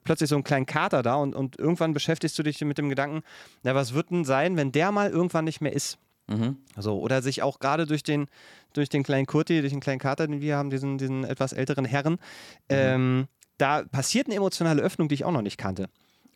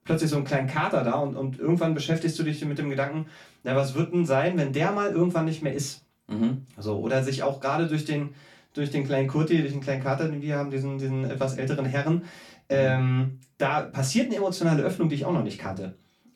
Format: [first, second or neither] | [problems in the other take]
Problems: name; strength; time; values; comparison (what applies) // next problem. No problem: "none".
first | off-mic speech; far // room echo; very slight; dies away in 0.2 s